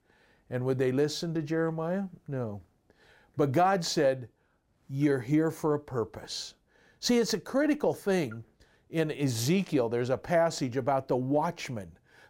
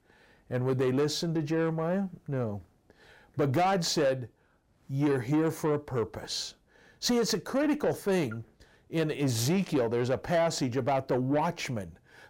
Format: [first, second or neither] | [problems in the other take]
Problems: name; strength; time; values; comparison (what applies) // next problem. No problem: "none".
first | distortion; slight; 10 dB below the speech